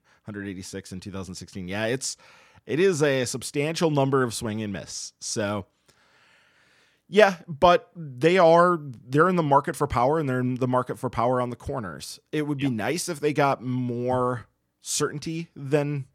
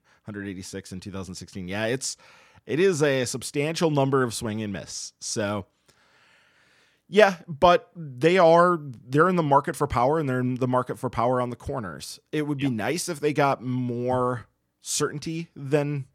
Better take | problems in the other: neither | none

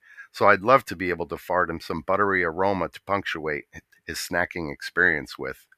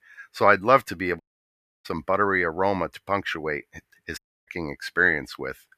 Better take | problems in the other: first | audio cutting out; at 1 s for 0.5 s and at 4 s

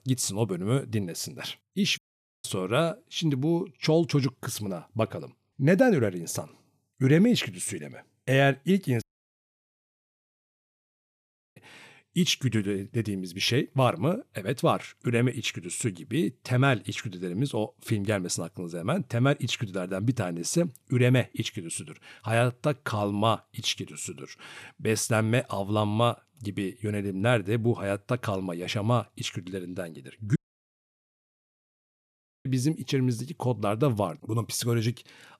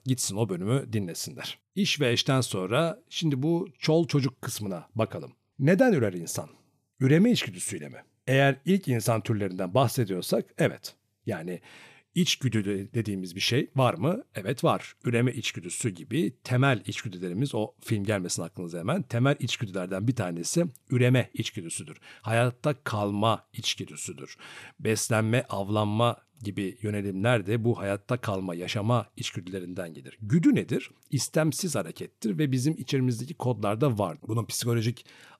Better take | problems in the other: second | audio cutting out; at 2 s, at 9 s for 2.5 s and at 30 s for 2 s

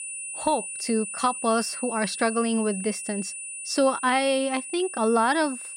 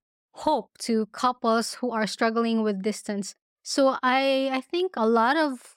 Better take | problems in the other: second | high-pitched whine; loud; throughout; 9.5 kHz, 8 dB below the speech

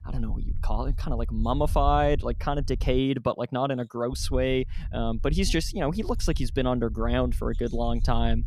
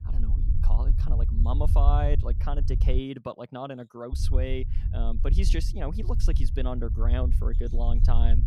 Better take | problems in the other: first | low rumble; loud; until 3 s and from 4 s on; 9 dB below the speech; faint in the first

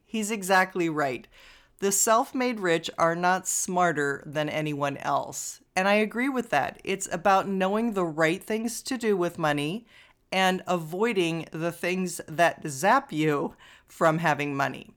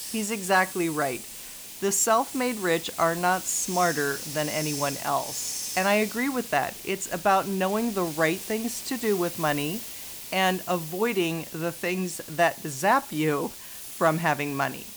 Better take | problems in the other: first | hiss; loud; throughout; 9 dB below the speech

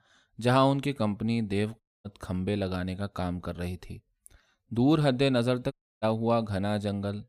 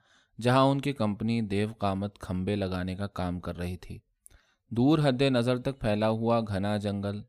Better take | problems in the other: second | audio cutting out; at 2 s and at 5.5 s

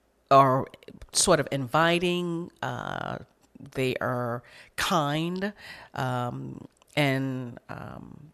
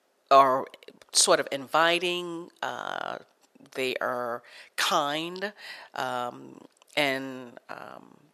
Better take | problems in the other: first | thin; somewhat; fading below 400 Hz

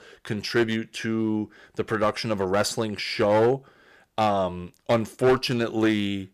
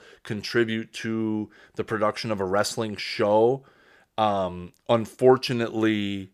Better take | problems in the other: second | distortion; slight; 5% of the sound clipped

